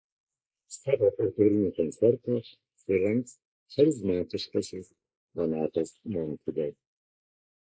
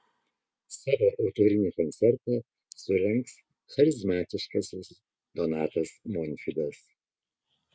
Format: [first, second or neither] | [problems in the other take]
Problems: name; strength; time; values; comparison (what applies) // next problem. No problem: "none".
second | noise reduction (neural mask model Resemble Enhance denoiser)